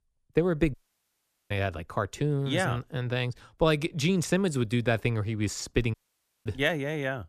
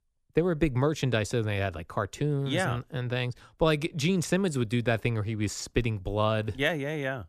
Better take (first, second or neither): second